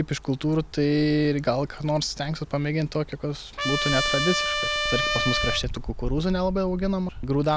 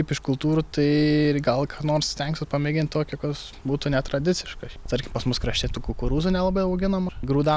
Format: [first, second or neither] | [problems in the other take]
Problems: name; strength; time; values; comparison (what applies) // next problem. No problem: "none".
second | background sound (Trumpet); 1 dB below the speech